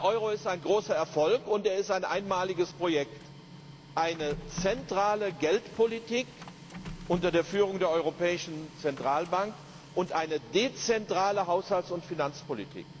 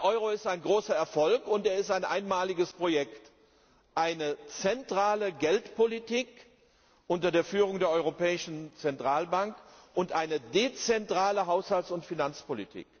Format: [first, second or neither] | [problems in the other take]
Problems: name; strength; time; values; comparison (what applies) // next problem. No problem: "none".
second | background sound (Printer); 16 dB below the speech